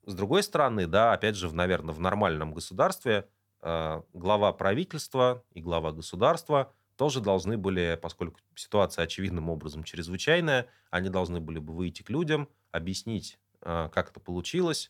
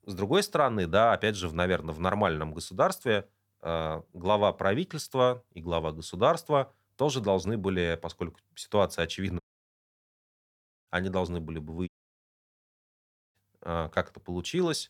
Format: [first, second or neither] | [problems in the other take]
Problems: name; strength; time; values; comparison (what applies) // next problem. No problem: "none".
first | audio cutting out; at 9.5 s for 1.5 s and at 12 s for 1.5 s